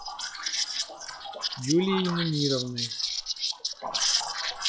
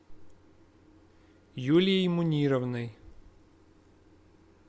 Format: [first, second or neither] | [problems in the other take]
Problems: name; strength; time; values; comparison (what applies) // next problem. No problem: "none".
second | noise reduction (classical method log-MMSE)